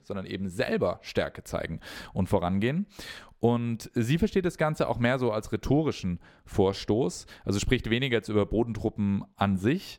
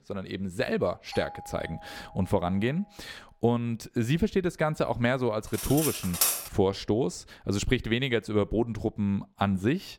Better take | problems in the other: first | doorbell; faint; from 1 to 2.5 s; peak 15 dB below the speech // clattering dishes; loud; at 5.5 s; peak 4 dB above the speech

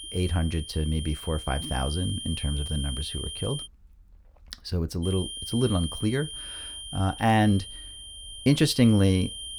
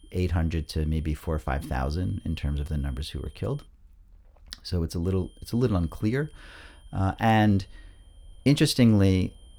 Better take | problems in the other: second | high-pitched whine; loud; until 3.5 s and from 5 s on; 3 kHz, 9 dB below the speech; faint in the second

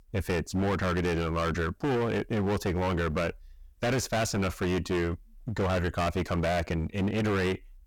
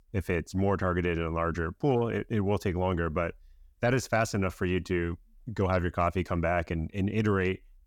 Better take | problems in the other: second | distortion; heavy; 23% of the sound clipped

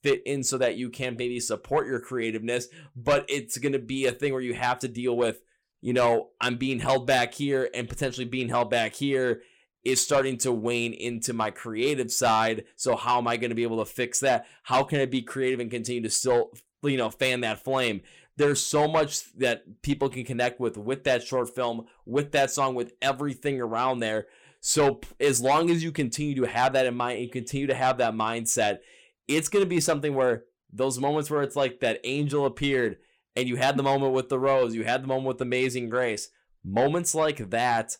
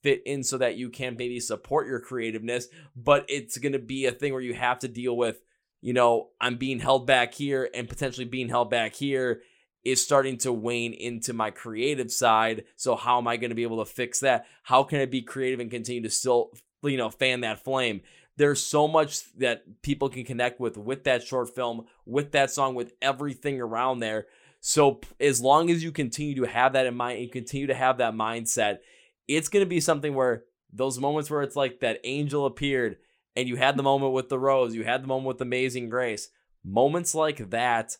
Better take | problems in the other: second | distortion; slight; 10 dB below the speech

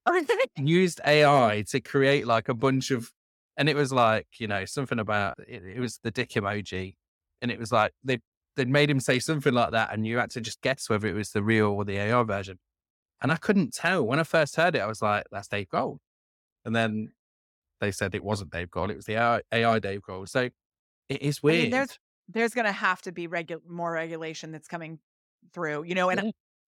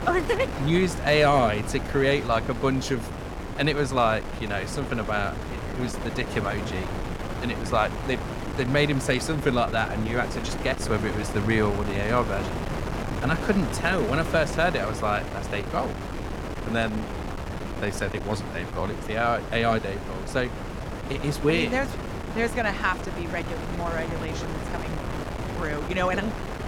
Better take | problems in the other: first | wind noise on the microphone; heavy; 8 dB below the speech

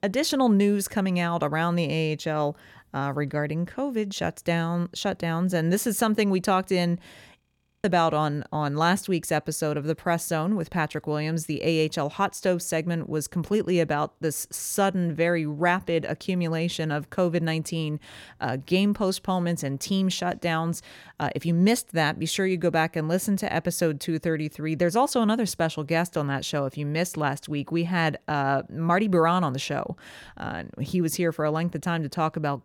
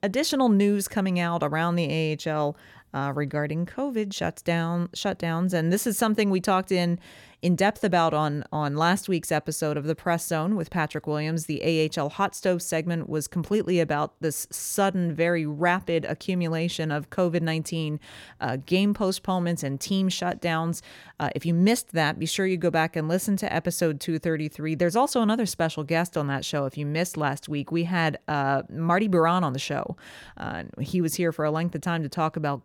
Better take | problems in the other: second | audio freezing; at 7.5 s

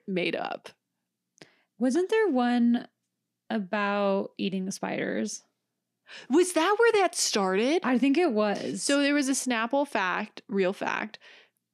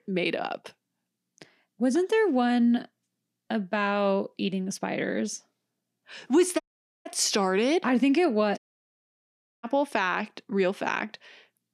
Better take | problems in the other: first | audio cutting out; at 6.5 s and at 8.5 s for 1 s

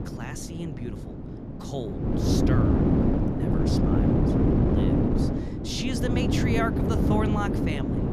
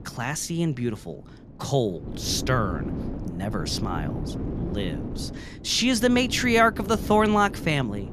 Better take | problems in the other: second | wind noise on the microphone; heavy; 4 dB above the speech; occasional gusts in the second

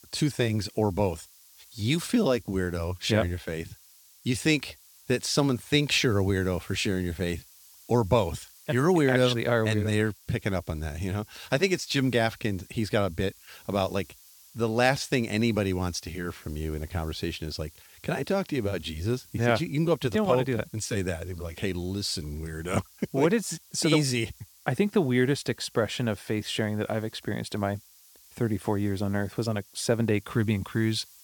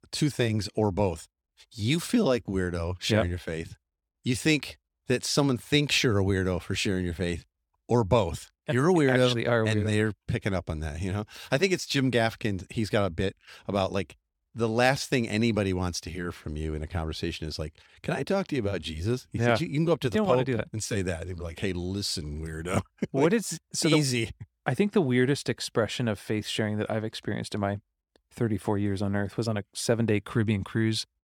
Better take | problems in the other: second | hiss; faint; throughout; 25 dB below the speech

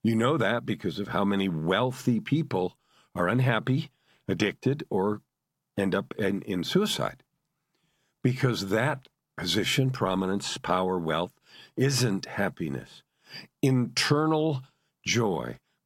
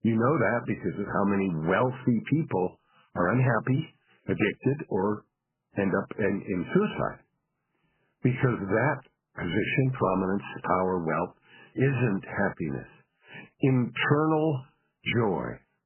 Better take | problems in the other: first | garbled, watery; badly; nothing above 3 kHz

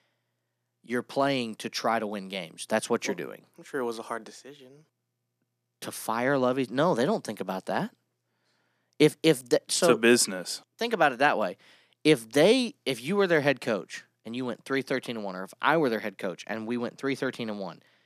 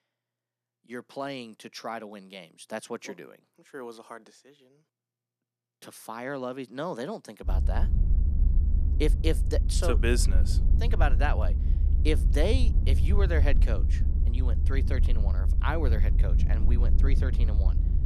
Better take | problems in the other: first | low rumble; loud; from 7.5 s on; 9 dB below the speech

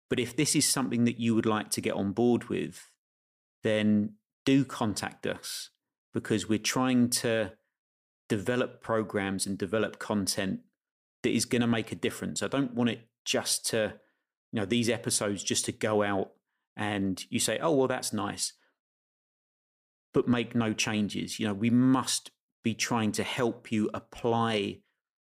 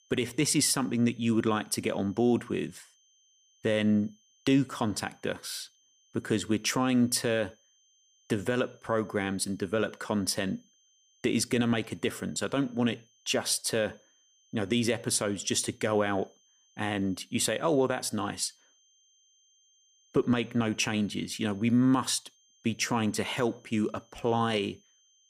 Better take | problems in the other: first | high-pitched whine; faint; throughout; 6 kHz, 35 dB below the speech

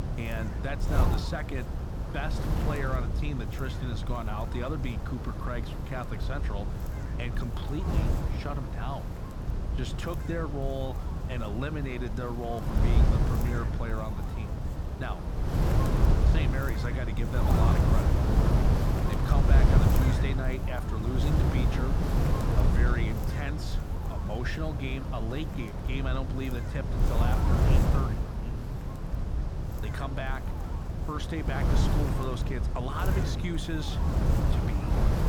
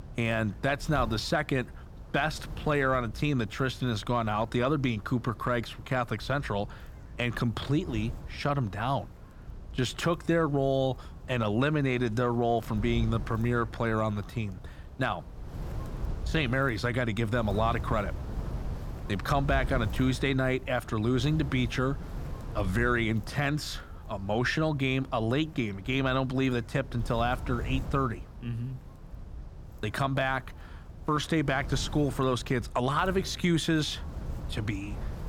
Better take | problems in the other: second | wind noise on the microphone; heavy; as loud as the speech; occasional gusts in the second

